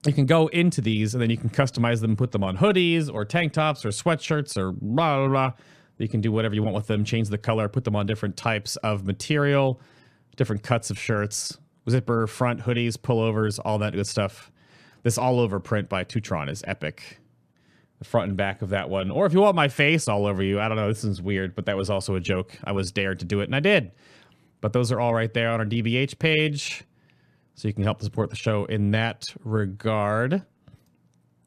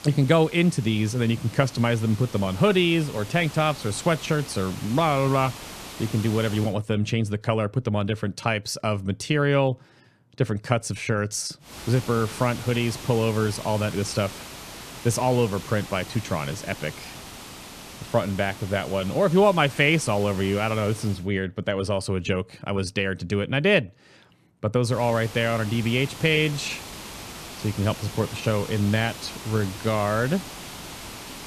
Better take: first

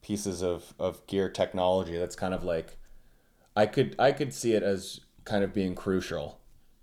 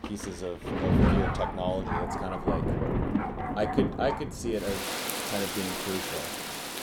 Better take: first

